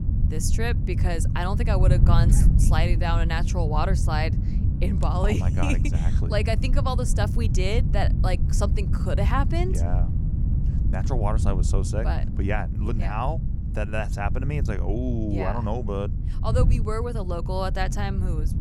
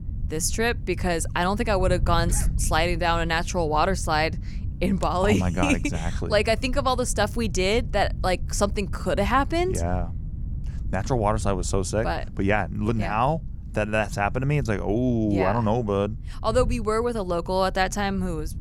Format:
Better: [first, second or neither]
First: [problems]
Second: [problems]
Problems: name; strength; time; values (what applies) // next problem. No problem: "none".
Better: second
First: wind noise on the microphone; heavy; 8 dB below the speech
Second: wind noise on the microphone; occasional gusts; 25 dB below the speech